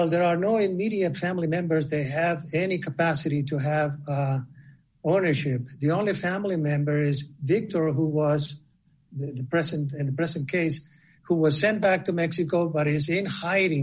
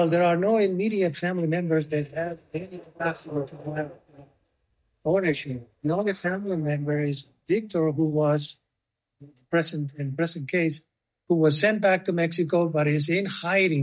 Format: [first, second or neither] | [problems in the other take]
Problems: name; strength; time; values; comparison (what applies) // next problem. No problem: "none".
first | noise reduction (neural mask model DeepFilterNet 3)